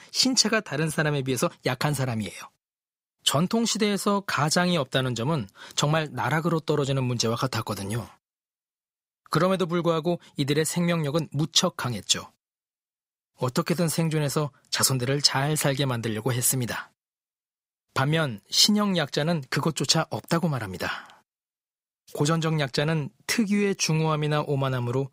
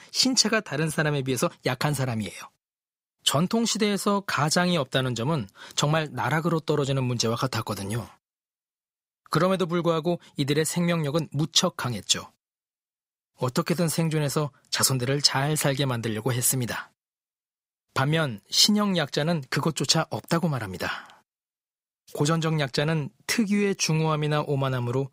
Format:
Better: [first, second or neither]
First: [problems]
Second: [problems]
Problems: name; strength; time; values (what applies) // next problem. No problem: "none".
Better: neither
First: none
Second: none